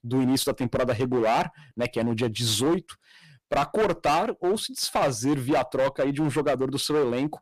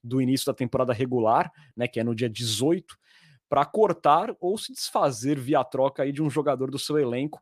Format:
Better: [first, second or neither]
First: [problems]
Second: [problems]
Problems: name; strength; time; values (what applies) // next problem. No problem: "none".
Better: second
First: distortion; heavy; 13% of the sound clipped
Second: none